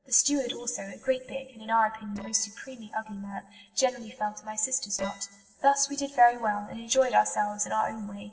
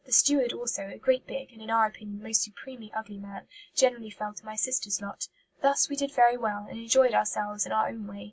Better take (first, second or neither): second